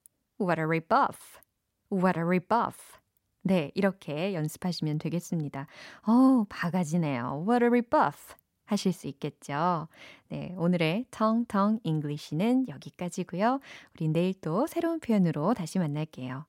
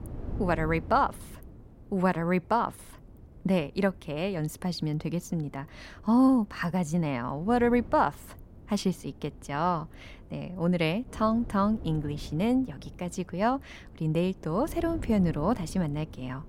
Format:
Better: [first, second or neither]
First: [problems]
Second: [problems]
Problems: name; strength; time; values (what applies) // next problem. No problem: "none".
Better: first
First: none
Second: wind noise on the microphone; occasional gusts; 25 dB below the speech